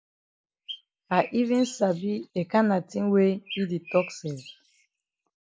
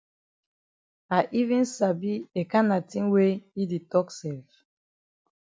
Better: second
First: noise reduction (neural mask model Resemble Enhance denoiser)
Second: none

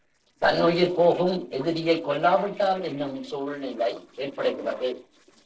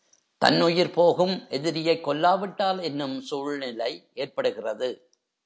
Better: second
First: noise reduction (neural separator model SepFormer DNS4)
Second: none

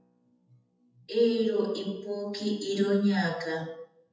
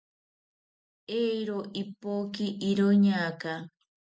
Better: second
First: noise reduction (classical method WPE with log-MMSE)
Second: none

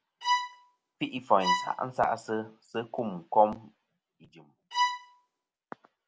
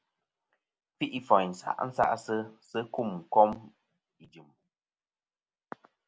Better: second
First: background sound (Bowed string instrument); as loud as the speech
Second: none

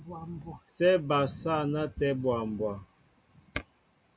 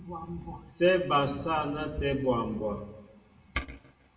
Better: first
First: none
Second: room echo; dies away in 0.6 s

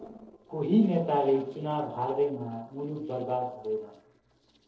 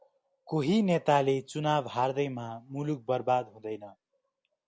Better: second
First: noise reduction (neural separator model SepFormer DNS4)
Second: none

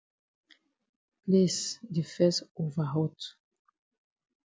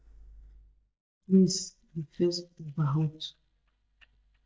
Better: first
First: none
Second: noise reduction (neural mask model DeepFilterNet 3)

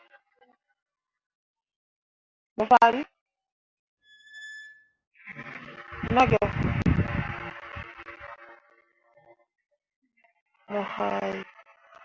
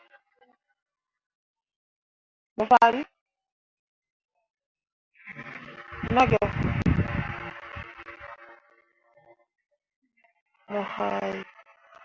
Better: second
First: background sound (Squeak); 18 dB below the speech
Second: none

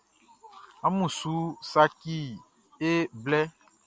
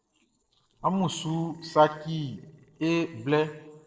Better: first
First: none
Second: noise reduction (neural separator model SepFormer DNS4)

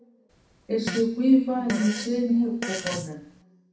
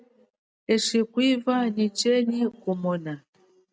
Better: second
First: background sound (Fart); 11 dB below the speech // room echo; dies away in 0.6 s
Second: none

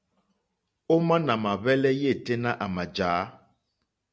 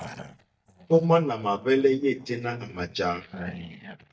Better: first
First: none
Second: noise reduction (neural mask model DeepFilterNet 3)

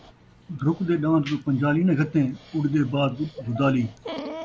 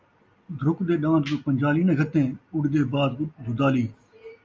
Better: second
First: background sound (Dog); 17 dB below the speech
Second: none

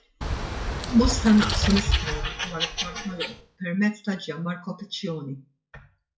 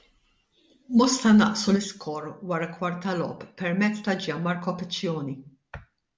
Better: second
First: noise reduction (classical method WPE with log-MMSE)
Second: none

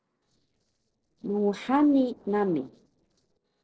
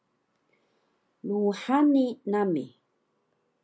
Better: second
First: noise reduction (neural separator model SepFormer DNS4)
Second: none

